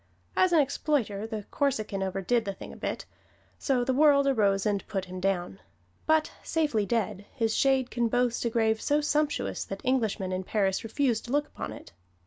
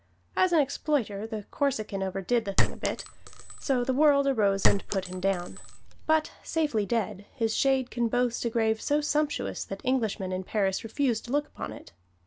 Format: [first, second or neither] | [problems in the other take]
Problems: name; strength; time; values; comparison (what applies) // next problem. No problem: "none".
first | background sound (Chink, clink); 1 dB above the speech